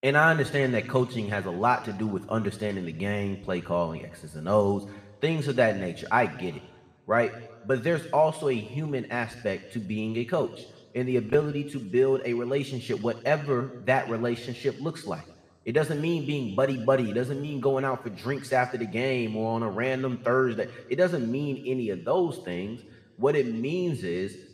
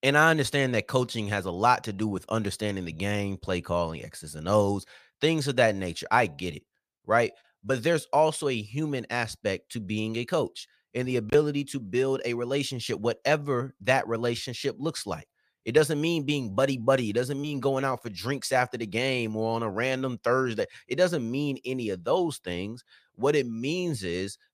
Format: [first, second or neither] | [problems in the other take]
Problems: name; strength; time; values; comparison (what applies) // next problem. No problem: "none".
second | room echo; slight; dies away in 1.1 s